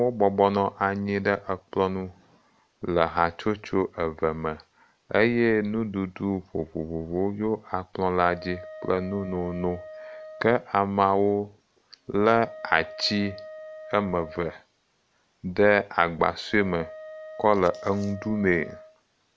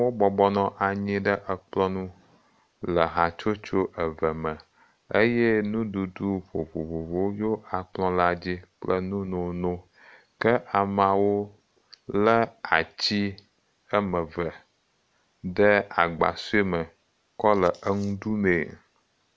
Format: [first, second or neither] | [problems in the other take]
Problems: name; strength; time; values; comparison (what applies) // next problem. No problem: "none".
second | background sound (Wind instrument, woodwind instrument); 17 dB below the speech